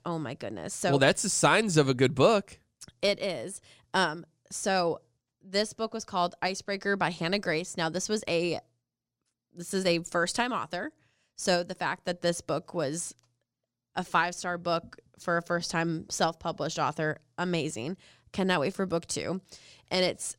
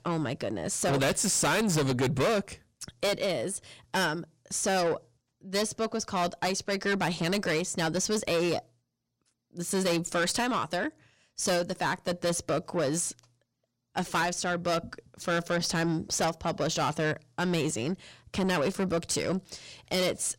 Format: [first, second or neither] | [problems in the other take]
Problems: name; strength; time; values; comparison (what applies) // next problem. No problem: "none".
first | distortion; heavy; 6 dB below the speech